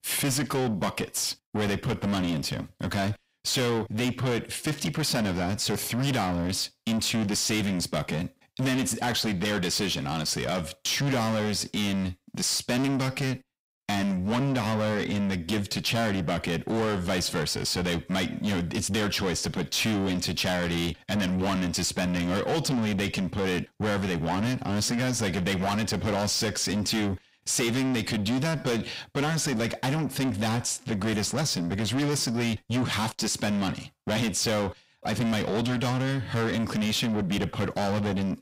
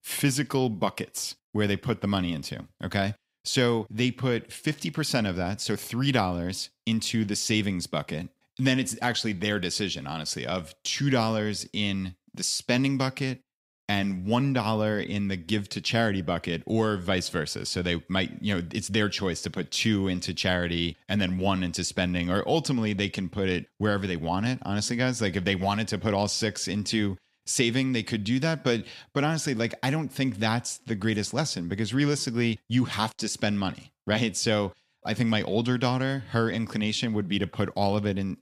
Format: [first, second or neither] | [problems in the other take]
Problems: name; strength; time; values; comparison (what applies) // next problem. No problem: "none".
second | distortion; heavy; 6 dB below the speech